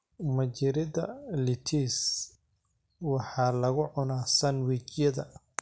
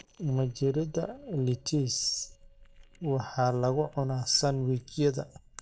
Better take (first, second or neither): first